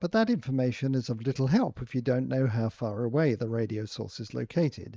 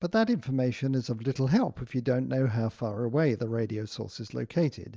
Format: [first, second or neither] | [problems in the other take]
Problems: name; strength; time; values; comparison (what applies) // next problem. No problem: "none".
second | noise reduction (neural mask model Resemble Enhance denoiser)